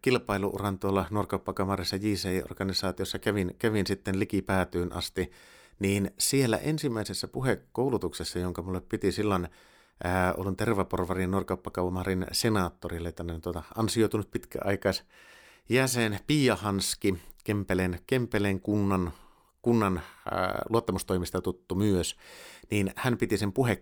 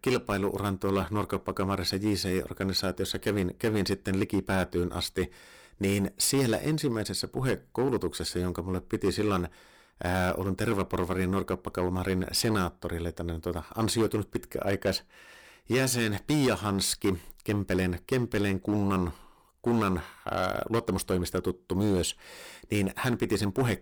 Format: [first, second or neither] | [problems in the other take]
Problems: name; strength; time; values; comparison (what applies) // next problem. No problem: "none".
first | distortion; slight; 5% of the sound clipped